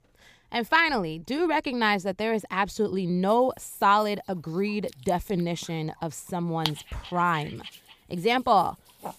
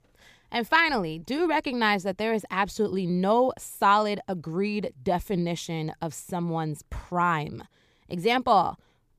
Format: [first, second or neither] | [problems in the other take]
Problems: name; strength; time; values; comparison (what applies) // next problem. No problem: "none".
second | dog barking; noticeable; from 5 s on; peak 6 dB below the speech